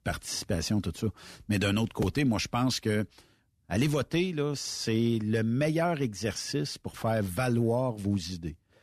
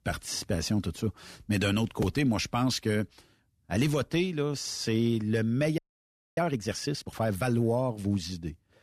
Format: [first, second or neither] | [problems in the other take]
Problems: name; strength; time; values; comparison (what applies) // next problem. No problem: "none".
first | audio freezing; at 6 s for 0.5 s